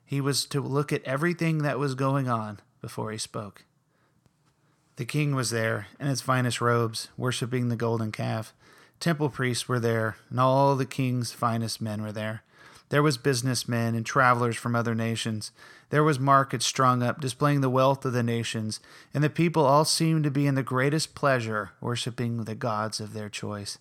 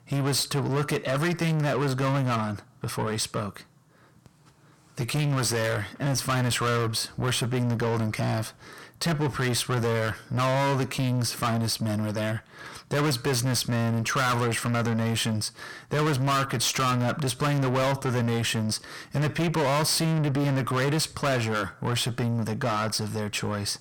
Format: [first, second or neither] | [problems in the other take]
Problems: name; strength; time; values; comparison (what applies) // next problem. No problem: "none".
first | distortion; heavy; 5 dB below the speech